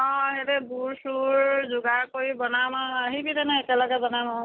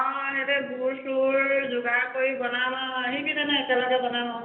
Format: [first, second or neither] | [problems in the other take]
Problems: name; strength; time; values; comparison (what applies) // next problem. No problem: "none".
first | room echo; dies away in 1.4 s